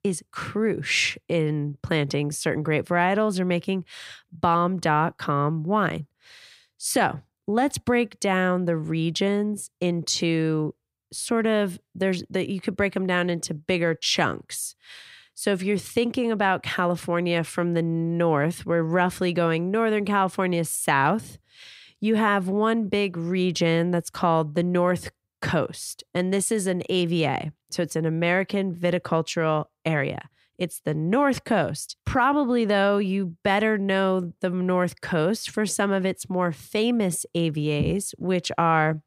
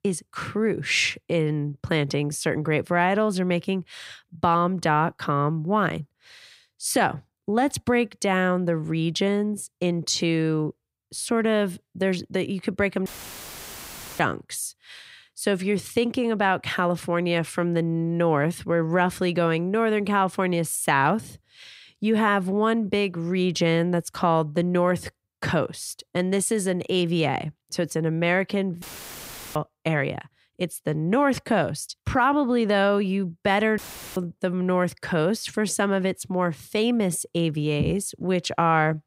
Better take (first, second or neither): first